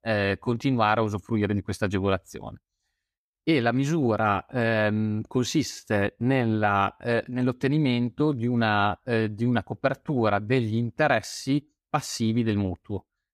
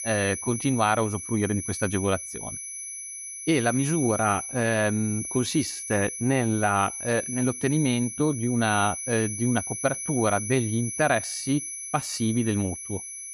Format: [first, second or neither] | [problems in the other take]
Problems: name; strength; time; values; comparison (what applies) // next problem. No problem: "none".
first | high-pitched whine; loud; throughout; 11 kHz, 7 dB below the speech